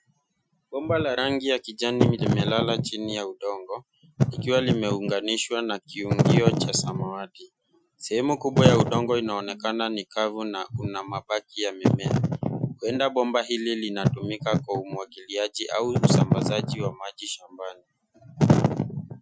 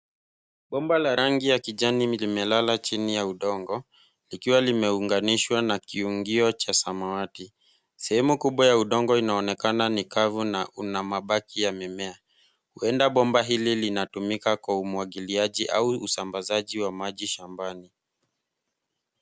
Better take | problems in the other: second | noise reduction (classical method Wiener filter)

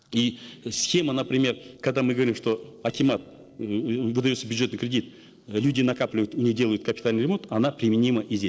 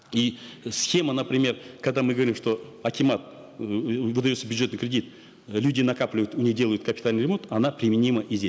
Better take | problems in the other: second | noise reduction (neural separator model SepFormer DNS4)

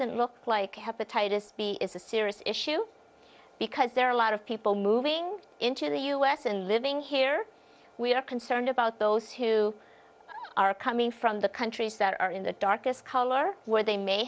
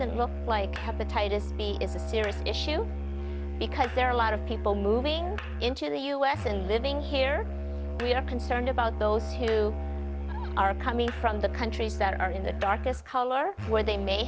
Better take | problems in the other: first | background sound (Musical instrument); 3 dB below the speech

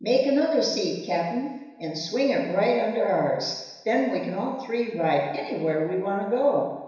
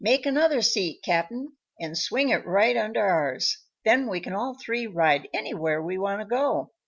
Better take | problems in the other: second | room echo; dies away in 1 s

